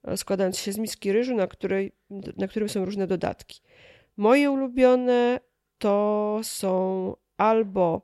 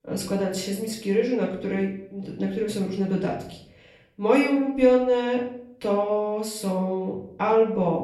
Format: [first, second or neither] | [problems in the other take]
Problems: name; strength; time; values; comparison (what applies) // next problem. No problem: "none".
first | off-mic speech; far // room echo; noticeable; dies away in 0.5 s